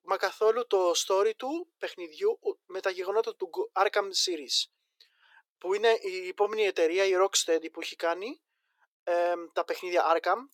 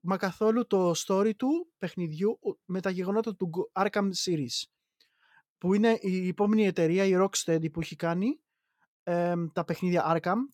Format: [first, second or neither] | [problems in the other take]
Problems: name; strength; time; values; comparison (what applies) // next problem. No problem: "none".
second | thin; very; fading below 400 Hz